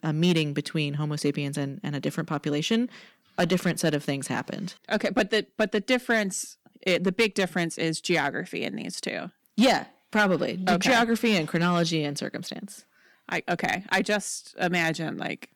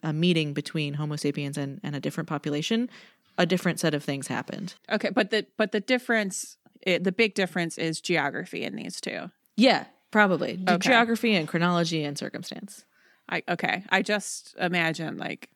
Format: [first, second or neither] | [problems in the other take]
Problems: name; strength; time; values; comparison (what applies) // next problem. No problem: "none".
second | distortion; slight; 2% of the sound clipped